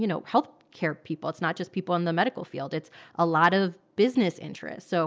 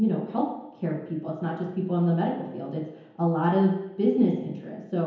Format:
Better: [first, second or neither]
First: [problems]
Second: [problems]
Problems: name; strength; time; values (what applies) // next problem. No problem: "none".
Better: first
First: none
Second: room echo; dies away in 1 s